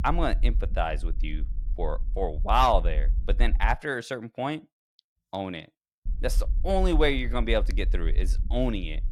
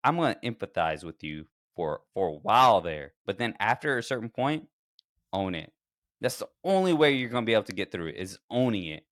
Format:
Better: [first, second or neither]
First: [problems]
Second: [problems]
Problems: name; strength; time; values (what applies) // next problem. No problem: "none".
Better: second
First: low rumble; faint; until 3.5 s and from 6 s on; 25 dB below the speech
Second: none